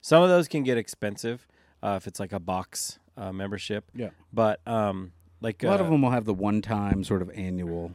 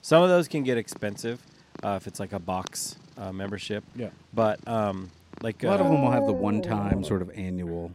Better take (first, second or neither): first